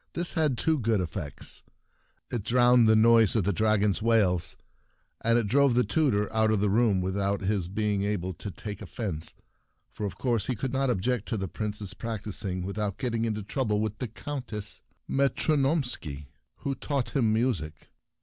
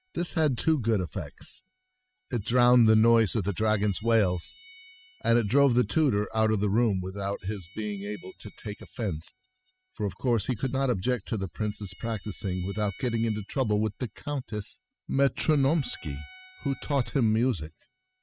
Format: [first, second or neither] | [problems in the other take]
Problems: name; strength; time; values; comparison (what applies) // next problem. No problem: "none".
first | noise reduction (classical method spectral subtraction)